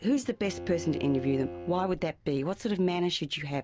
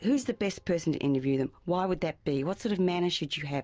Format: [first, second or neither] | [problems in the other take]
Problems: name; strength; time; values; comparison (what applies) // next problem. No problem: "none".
second | background sound (Bowed string instrument); 13 dB below the speech